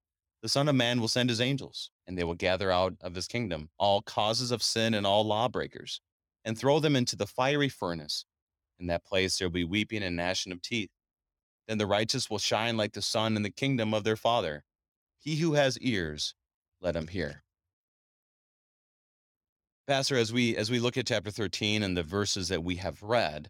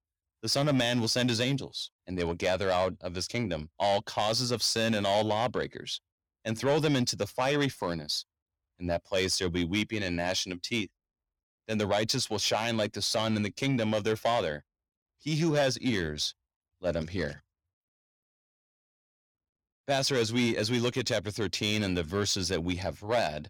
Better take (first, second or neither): first